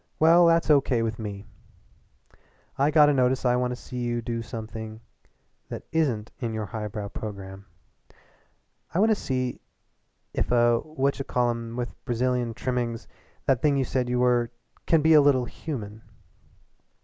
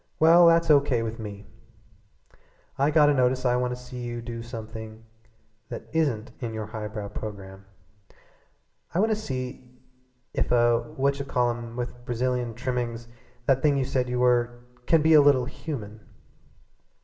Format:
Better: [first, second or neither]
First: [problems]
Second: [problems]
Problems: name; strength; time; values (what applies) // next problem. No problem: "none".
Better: first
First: none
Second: room echo; dies away in 0.7 s